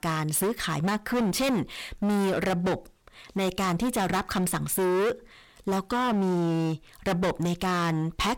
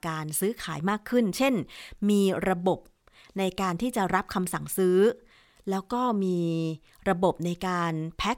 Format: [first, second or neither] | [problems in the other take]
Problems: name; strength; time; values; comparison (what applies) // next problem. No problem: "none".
second | distortion; heavy; 26% of the sound clipped